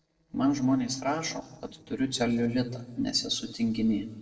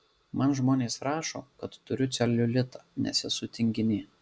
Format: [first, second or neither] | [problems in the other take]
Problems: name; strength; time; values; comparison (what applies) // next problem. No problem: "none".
second | noise reduction (neural separator model SepFormer DNS4)